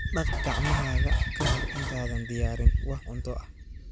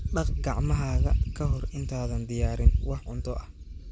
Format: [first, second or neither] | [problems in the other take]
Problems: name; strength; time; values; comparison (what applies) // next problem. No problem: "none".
second | background sound (Dishes, pots, and pans + Bird); 9 dB below the speech